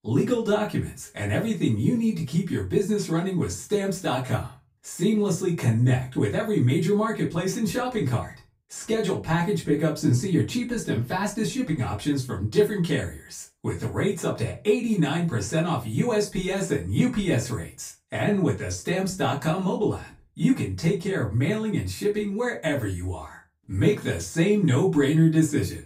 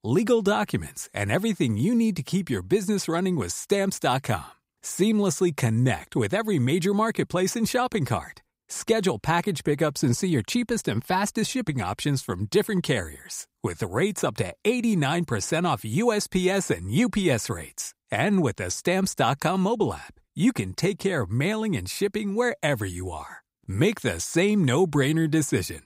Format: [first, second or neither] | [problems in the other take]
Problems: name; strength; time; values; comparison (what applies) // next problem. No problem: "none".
second | off-mic speech; far // room echo; very slight; dies away in 0.2 s